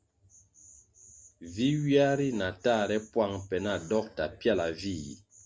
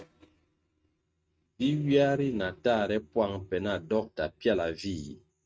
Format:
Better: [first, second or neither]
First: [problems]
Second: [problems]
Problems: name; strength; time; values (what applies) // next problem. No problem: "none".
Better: first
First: none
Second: noise reduction (neural mask model RNNoise)